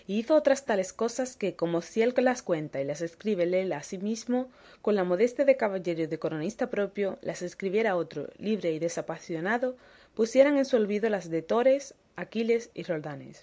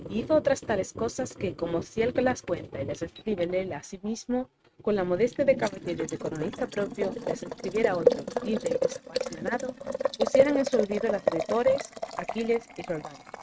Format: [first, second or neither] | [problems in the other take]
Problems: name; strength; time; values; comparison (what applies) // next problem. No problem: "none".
first | noise reduction (neural mask model RNNoise)